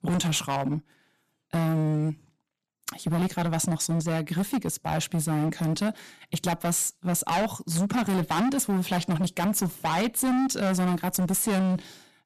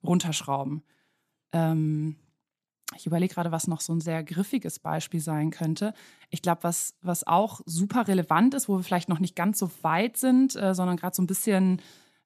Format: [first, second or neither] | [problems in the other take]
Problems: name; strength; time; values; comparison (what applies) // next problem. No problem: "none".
second | distortion; heavy; 23% of the sound clipped